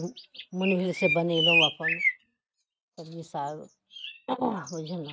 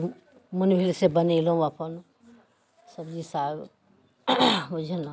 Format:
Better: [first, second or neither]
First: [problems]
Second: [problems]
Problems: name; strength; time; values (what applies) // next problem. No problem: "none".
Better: second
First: noise reduction (neural mask model RNNoise)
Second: none